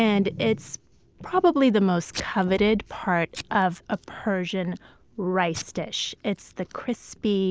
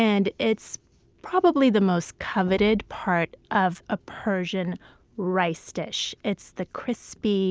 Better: second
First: background sound (Packing tape, duct tape / Tearing); 18 dB below the speech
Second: none

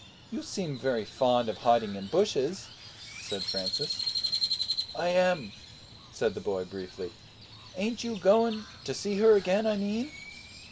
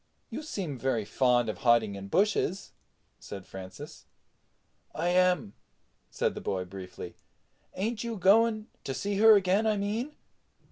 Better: second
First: background sound (Crow); 9 dB below the speech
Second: none

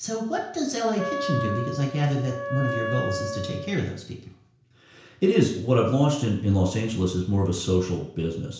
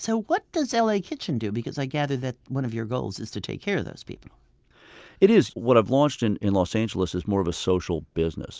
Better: second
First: background sound (Wind instrument, woodwind instrument); 6 dB below the speech // room echo; dies away in 0.5 s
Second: none

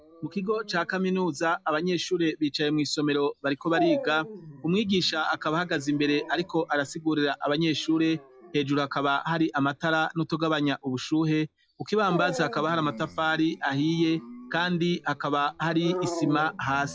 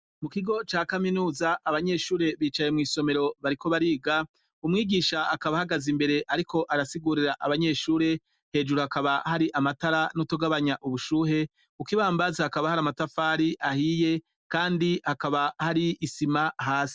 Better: second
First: noise reduction (classical method log-MMSE)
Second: none

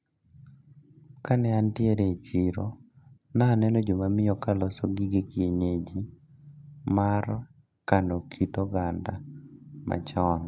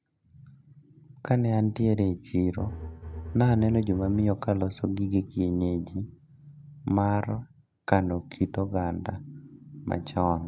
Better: first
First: none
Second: background sound (Bowed string instrument); 11 dB below the speech

